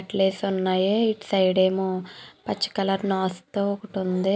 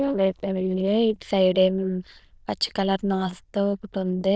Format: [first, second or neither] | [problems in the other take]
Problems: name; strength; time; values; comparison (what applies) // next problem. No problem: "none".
first | noise reduction (neural diffusion model UNIVERSE++)